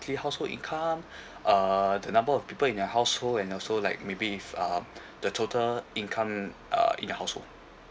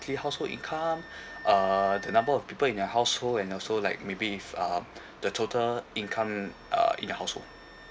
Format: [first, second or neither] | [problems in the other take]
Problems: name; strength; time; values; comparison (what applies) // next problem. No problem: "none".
first | background sound (Wind instrument, woodwind instrument); 20 dB below the speech